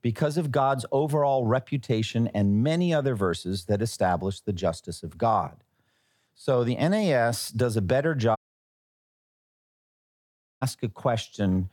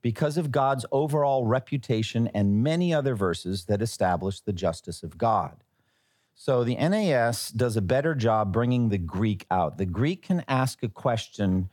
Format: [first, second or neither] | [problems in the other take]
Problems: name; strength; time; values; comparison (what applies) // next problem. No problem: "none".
second | audio cutting out; at 8.5 s for 2.5 s